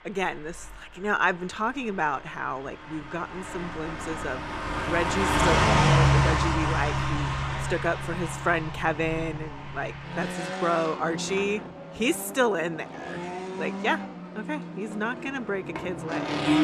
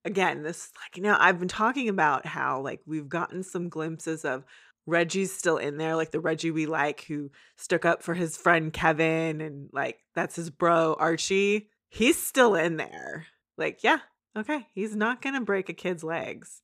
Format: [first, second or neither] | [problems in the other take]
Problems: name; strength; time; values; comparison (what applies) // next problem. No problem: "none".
second | traffic noise; very loud; throughout; 1 dB above the speech